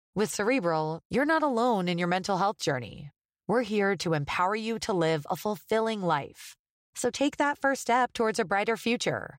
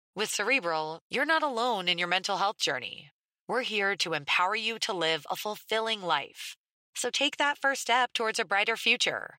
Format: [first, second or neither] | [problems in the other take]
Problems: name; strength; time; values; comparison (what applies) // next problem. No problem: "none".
first | thin; somewhat; fading below 800 Hz